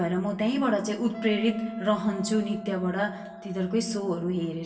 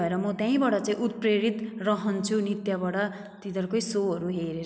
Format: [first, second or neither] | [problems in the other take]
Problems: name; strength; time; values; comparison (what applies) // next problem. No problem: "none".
second | background sound (Wind instrument, woodwind instrument); 17 dB below the speech // room echo; dies away in 0.2 s